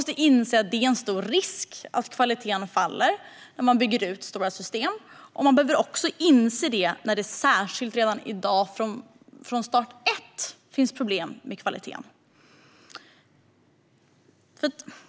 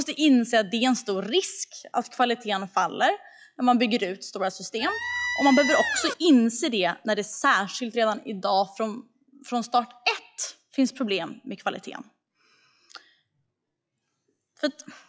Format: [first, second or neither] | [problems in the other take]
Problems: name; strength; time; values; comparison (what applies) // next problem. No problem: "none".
first | noise reduction (classical method log-MMSE)